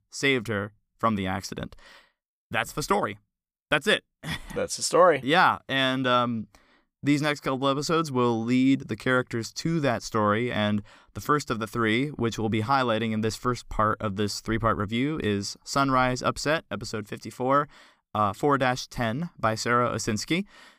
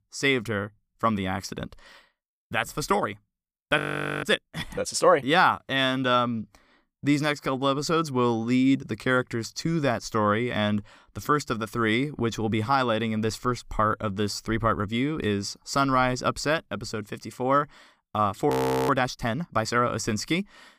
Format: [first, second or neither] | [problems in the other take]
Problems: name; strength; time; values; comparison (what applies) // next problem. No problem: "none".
first | audio freezing; at 4 s and at 19 s